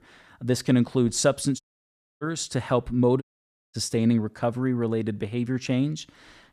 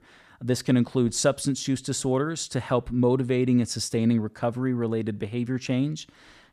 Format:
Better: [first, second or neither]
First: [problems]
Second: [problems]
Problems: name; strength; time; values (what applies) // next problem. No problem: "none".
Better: second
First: audio cutting out; at 1.5 s for 0.5 s and at 3 s for 0.5 s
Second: none